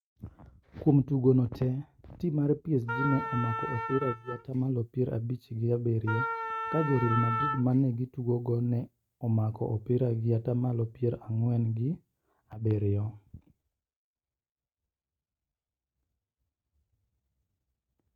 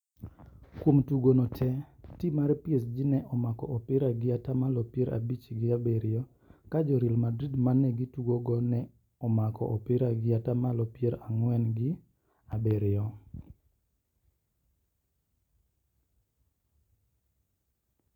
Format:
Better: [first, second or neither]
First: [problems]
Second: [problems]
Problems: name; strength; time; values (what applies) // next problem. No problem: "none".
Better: second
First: noise reduction (neural mask model RNNoise)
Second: none